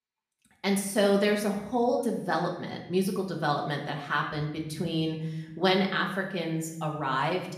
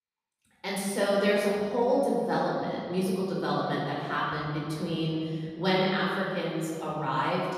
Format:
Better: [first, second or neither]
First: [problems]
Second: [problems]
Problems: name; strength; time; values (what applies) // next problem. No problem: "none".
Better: first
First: room echo; slight; dies away in 0.8 s // off-mic speech; somewhat distant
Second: room echo; strong; dies away in 2.3 s // off-mic speech; far